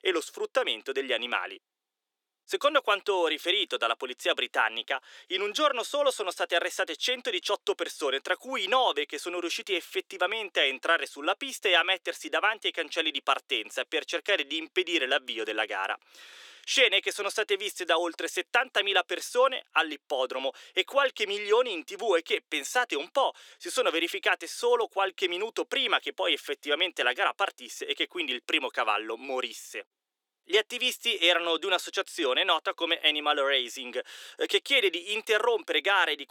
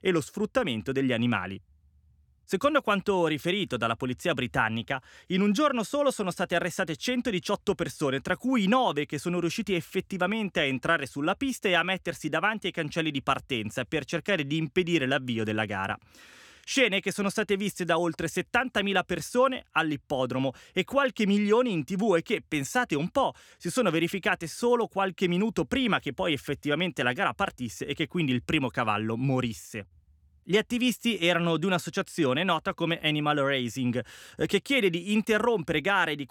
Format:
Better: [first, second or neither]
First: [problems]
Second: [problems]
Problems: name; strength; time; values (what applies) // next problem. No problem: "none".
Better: second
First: thin; very; fading below 350 Hz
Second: none